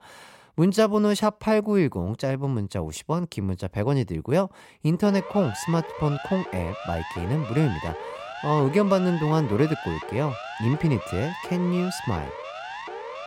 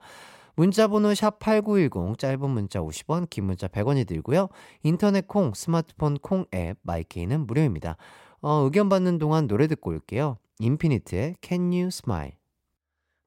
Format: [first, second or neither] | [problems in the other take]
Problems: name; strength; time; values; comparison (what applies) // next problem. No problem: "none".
second | siren; noticeable; from 5 s on; peak 10 dB below the speech